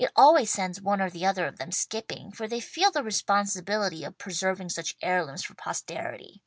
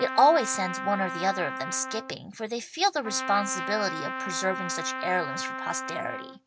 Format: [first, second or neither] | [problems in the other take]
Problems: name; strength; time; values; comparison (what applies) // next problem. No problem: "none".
first | background sound (Trumpet); 6 dB below the speech